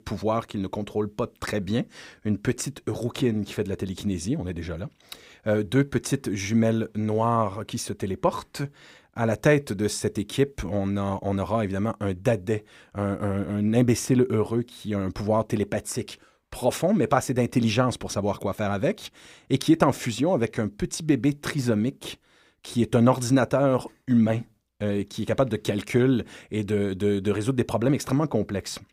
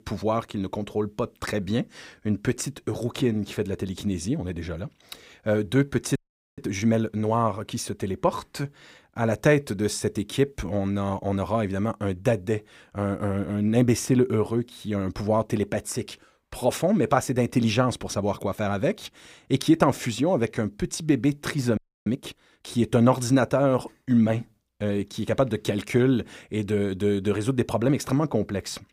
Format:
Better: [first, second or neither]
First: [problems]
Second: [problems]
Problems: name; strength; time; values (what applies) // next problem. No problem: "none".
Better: first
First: none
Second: audio freezing; at 6 s and at 22 s